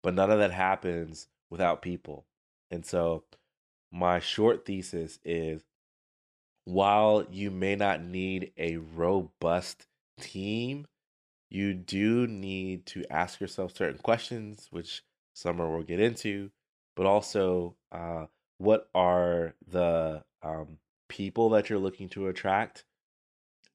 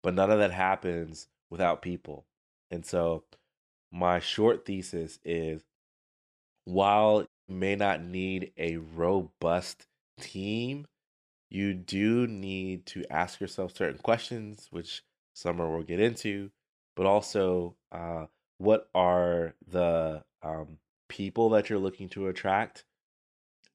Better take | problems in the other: first | audio cutting out; at 7.5 s

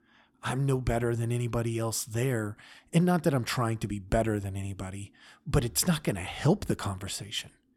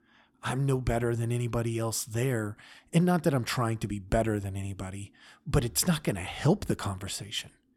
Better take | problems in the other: neither | none

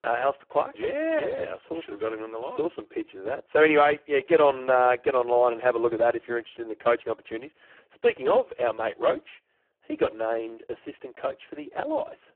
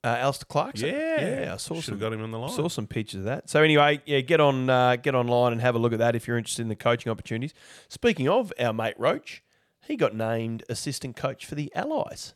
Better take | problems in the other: second | phone-call audio; poor line

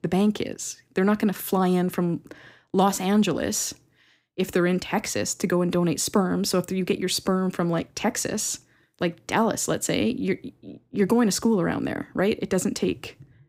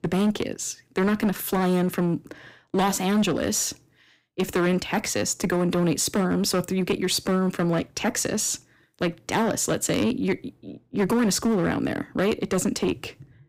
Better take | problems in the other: first | distortion; slight; 9% of the sound clipped

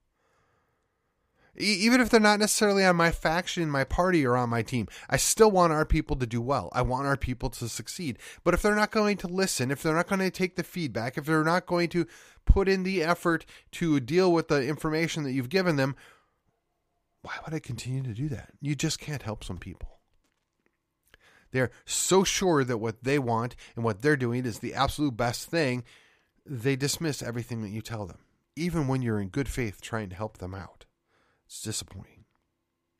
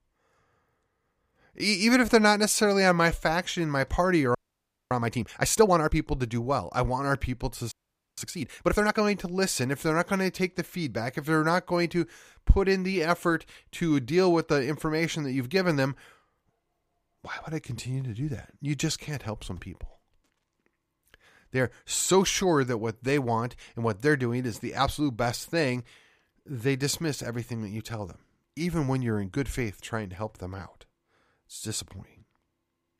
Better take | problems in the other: first | audio freezing; at 4.5 s for 0.5 s and at 7.5 s

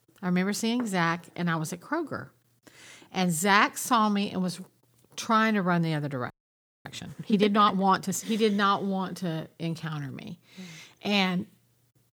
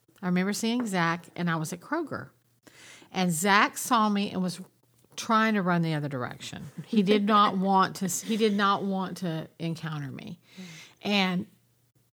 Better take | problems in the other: second | audio freezing; at 6.5 s for 0.5 s

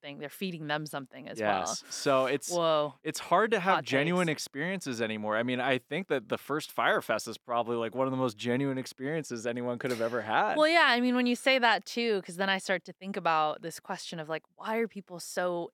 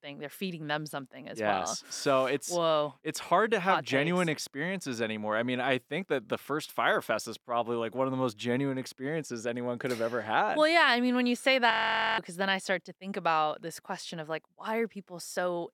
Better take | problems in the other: first | audio freezing; at 12 s

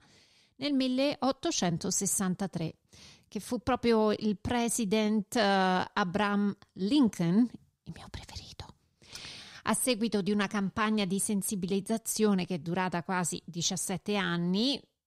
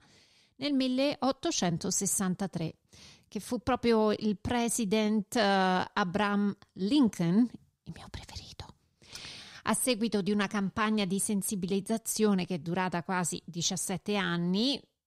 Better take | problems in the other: neither | none

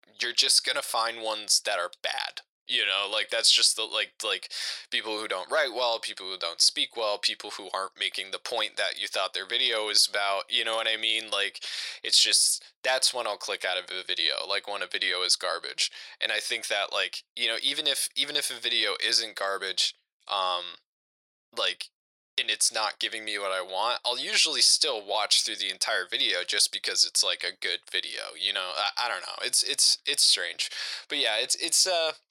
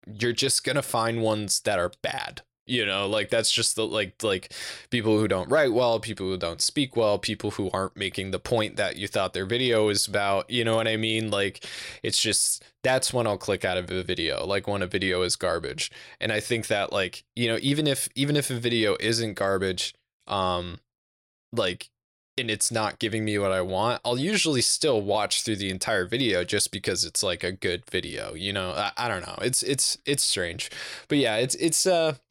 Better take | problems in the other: second | thin; very; fading below 800 Hz

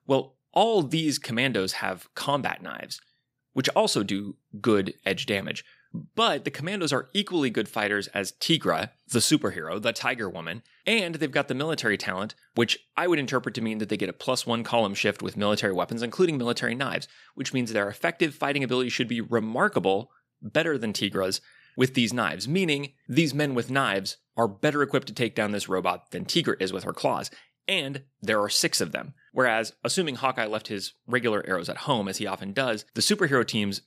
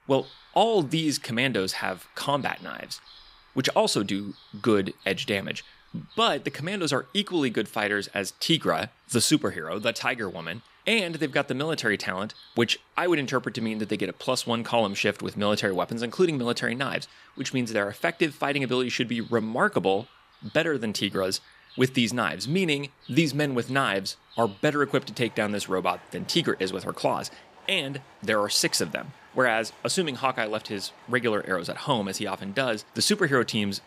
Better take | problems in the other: first | animal sounds; faint; throughout; 25 dB below the speech

